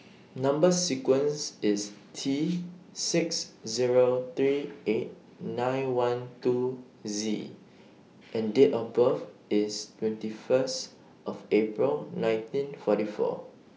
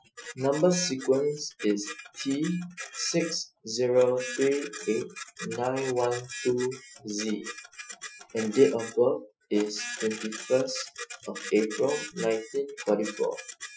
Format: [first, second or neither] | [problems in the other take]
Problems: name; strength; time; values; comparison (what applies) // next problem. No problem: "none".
first | noise reduction (classical method Wiener filter)